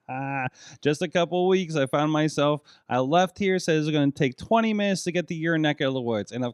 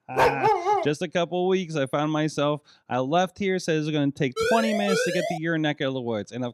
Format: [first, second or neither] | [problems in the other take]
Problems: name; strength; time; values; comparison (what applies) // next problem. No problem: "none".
first | dog barking; loud; at the start; peak 6 dB above the speech // siren; loud; from 4.5 to 5.5 s; peak 1 dB above the speech